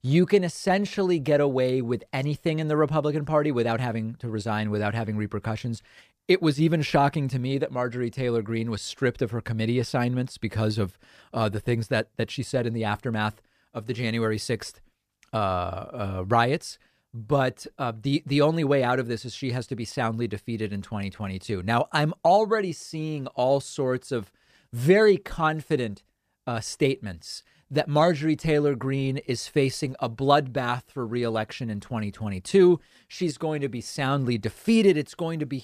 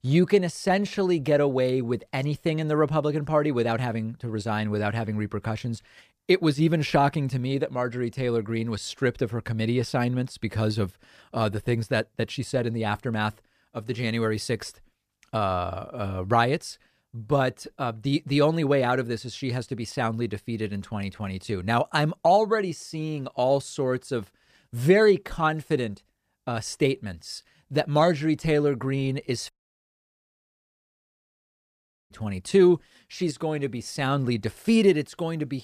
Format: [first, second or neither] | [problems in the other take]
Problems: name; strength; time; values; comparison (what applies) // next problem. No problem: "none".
first | audio cutting out; at 30 s for 2.5 s